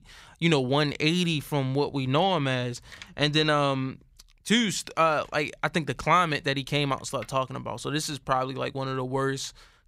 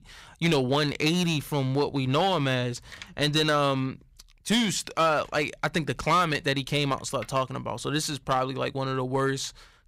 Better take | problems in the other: first | distortion; slight; 5% of the sound clipped

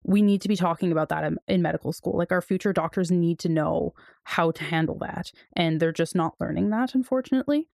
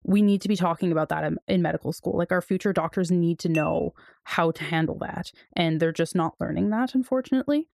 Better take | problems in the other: first | clattering dishes; noticeable; at 3.5 s; peak 10 dB below the speech

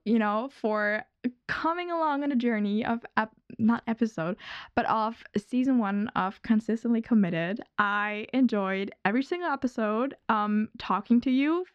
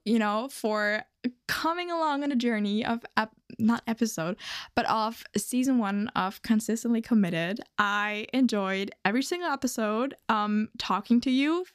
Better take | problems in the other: second | muffled; slightly; fading above 2.5 kHz

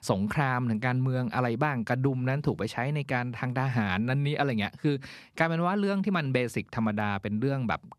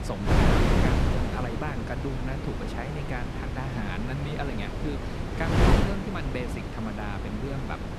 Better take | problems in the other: first | wind noise on the microphone; heavy; 4 dB above the speech

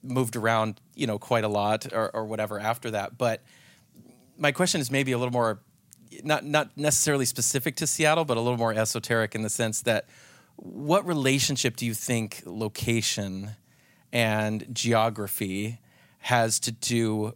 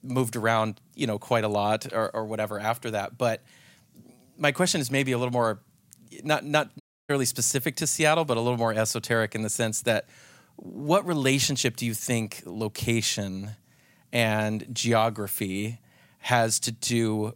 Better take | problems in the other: first | audio cutting out; at 7 s

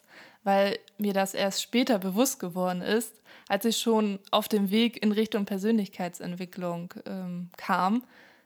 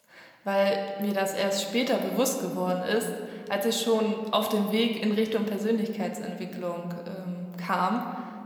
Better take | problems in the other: first | room echo; slight; dies away in 1.6 s

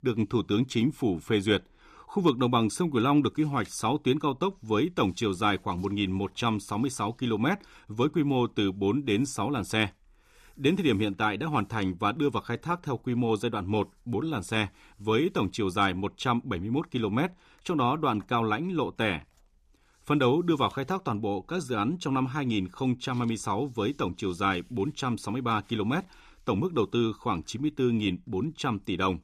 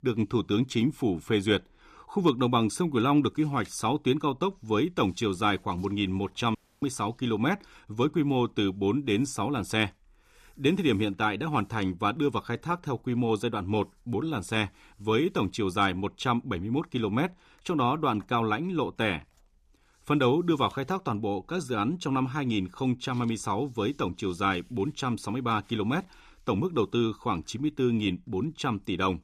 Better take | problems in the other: first | audio cutting out; at 6.5 s

